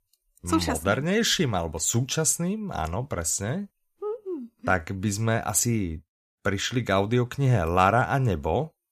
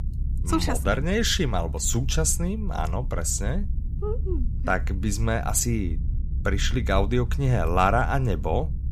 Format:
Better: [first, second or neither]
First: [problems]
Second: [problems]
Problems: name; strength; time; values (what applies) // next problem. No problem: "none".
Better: first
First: none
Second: low rumble; faint; throughout; 20 dB below the speech